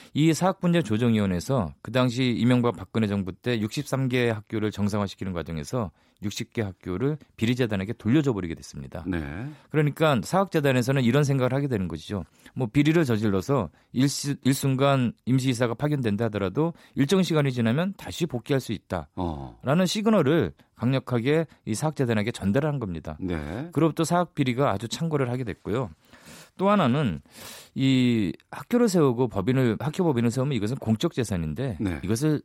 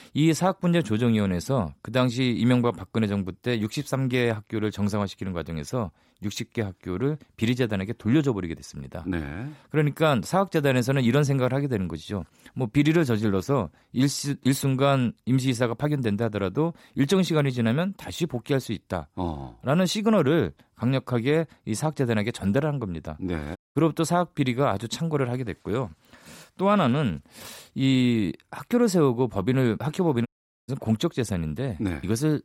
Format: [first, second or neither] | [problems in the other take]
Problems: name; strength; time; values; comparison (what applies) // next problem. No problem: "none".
first | audio cutting out; at 24 s and at 30 s